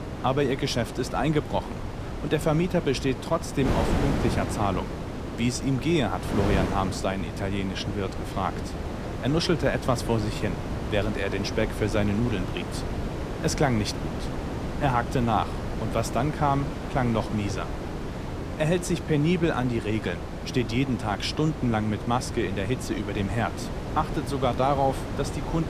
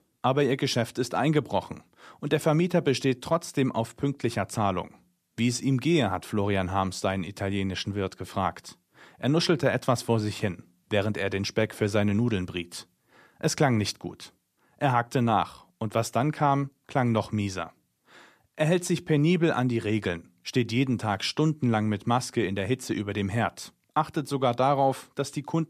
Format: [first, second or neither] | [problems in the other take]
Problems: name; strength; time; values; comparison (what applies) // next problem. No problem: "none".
second | wind noise on the microphone; heavy; 7 dB below the speech